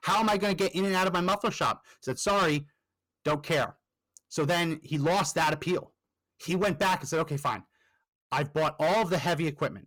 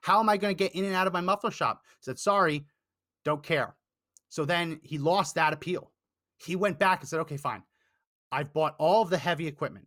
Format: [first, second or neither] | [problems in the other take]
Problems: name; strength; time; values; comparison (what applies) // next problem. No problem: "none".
second | distortion; heavy; 13% of the sound clipped